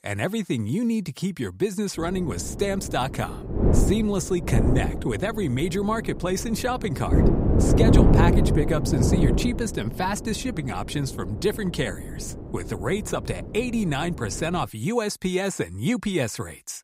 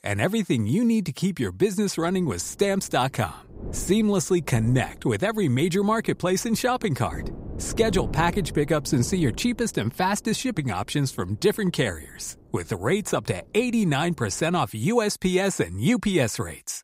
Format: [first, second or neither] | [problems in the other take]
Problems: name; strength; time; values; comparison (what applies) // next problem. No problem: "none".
second | wind noise on the microphone; heavy; from 2 to 15 s; 2 dB below the speech; occasional gusts in the second